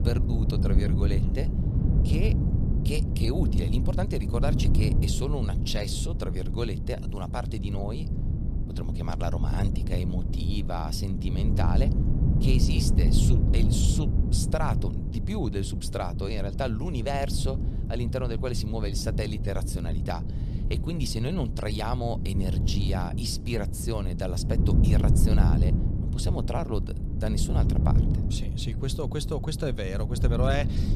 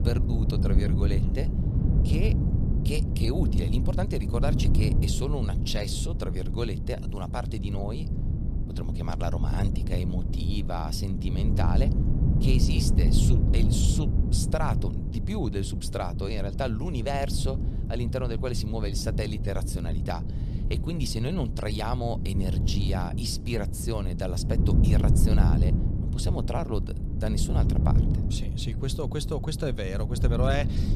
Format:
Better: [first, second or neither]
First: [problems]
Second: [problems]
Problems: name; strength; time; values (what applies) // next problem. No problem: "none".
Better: neither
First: wind noise on the microphone; heavy; 5 dB below the speech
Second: wind noise on the microphone; heavy; 5 dB below the speech